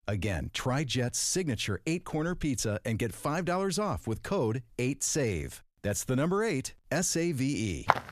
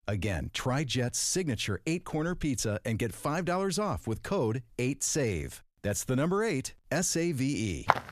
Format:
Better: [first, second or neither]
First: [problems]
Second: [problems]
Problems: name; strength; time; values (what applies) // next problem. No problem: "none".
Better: neither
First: footsteps; loud; at 8 s; peak 2 dB above the speech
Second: footsteps; loud; at 8 s; peak 2 dB above the speech